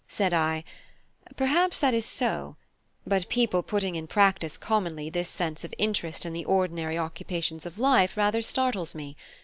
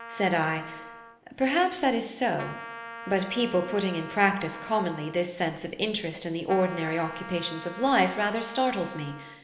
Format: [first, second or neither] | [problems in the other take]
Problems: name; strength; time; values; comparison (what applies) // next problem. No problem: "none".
first | background sound (Trumpet); 14 dB below the speech // room echo; dies away in 1.1 s